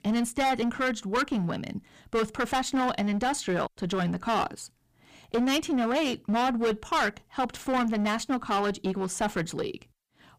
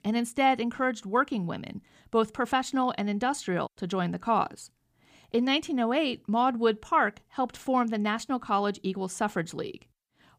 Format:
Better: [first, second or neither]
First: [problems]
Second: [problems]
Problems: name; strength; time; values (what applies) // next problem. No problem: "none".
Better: second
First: distortion; heavy; 14% of the sound clipped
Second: none